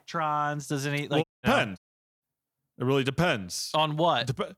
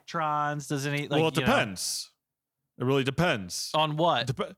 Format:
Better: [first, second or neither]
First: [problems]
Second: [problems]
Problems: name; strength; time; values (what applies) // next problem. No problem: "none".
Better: second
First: audio cutting out; at 1 s and at 2 s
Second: none